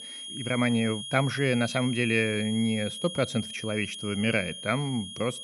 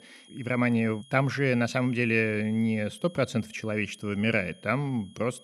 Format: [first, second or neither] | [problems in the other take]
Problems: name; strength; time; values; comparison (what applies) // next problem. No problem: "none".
second | high-pitched whine; loud; throughout; 3.5 kHz, 9 dB below the speech; faint in the second